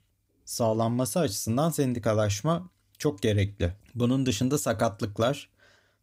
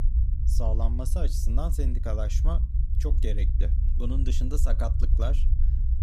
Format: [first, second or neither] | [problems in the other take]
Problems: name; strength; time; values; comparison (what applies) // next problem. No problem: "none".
first | low rumble; loud; throughout; 8 dB below the speech